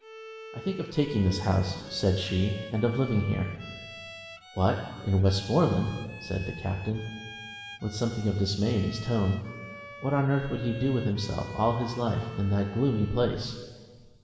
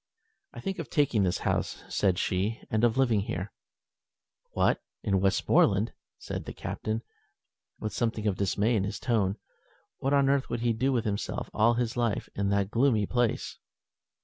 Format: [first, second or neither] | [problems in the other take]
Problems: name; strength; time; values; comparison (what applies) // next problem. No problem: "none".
second | background sound (Bowed string instrument); 17 dB below the speech // room echo; dies away in 1.9 s